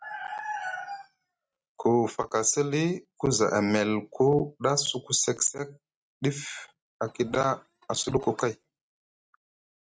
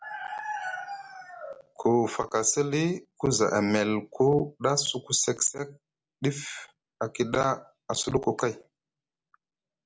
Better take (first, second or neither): second